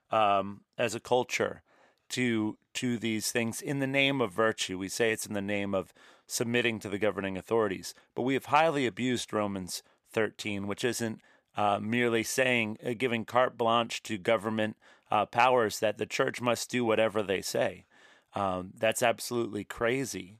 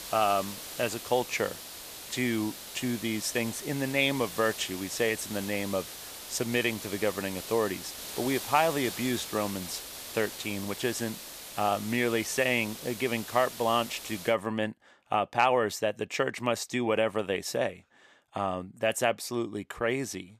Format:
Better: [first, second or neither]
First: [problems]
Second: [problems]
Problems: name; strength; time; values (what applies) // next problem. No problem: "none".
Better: first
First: none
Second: hiss; loud; until 14 s; 9 dB below the speech